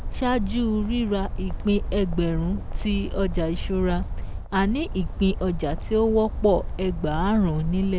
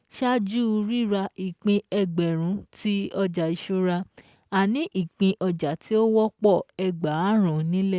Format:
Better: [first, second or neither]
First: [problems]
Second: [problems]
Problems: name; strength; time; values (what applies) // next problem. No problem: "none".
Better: second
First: background sound (Bird); 4 dB below the speech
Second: none